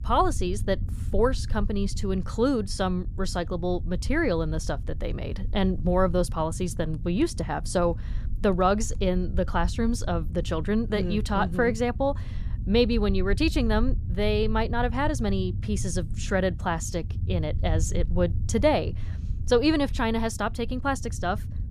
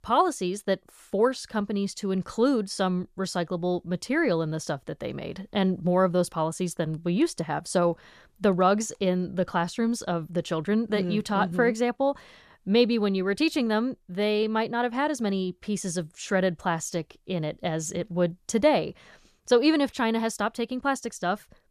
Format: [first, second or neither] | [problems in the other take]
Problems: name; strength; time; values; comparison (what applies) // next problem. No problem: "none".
second | low rumble; faint; throughout; 20 dB below the speech